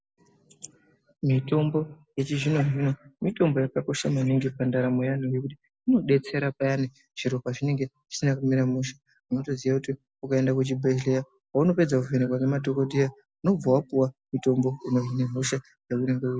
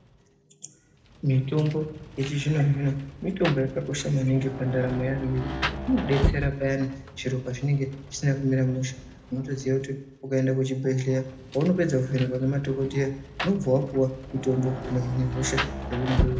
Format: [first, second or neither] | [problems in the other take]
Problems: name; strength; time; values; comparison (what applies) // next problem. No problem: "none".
first | background sound (Rain); 8 dB below the speech // room echo; dies away in 0.7 s